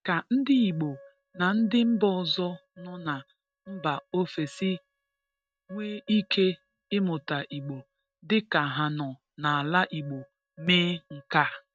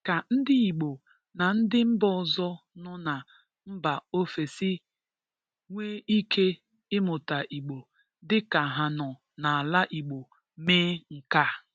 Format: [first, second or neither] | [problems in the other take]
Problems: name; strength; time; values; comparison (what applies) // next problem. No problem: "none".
second | noise reduction (neural mask model RNNoise)